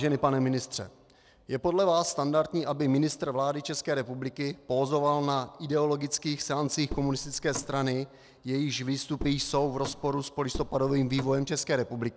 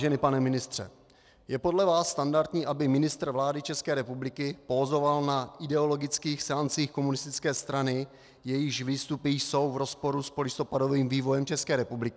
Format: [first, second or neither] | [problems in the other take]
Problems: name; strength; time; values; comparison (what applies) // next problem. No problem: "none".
second | background sound (Car); 12 dB below the speech